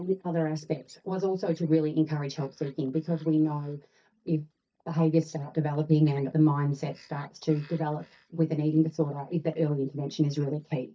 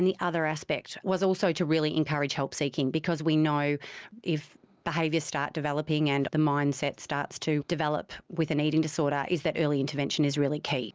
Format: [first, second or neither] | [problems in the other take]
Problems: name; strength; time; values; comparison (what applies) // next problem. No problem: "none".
second | noise reduction (neural mask model DeepFilterNet 3)